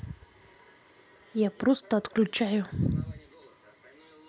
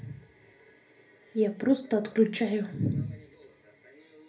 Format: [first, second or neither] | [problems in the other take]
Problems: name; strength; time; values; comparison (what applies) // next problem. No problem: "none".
first | room echo; dies away in 0.3 s